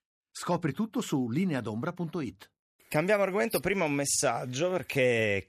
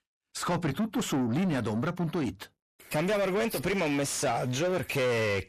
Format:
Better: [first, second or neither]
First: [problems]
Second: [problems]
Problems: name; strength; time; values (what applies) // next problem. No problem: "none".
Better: first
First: none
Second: distortion; heavy; 7 dB below the speech